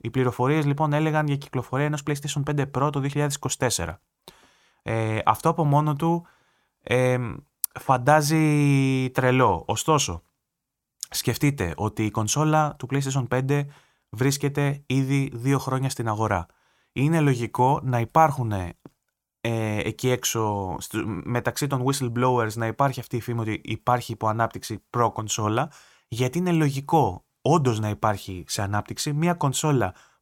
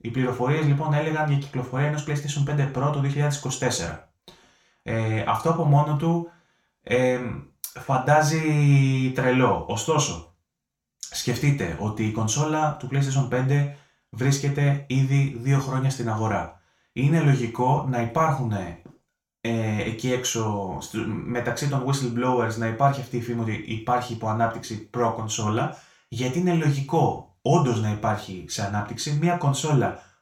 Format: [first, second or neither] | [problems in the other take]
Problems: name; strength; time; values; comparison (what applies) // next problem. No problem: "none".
first | room echo; slight; dies away in 0.3 s // off-mic speech; far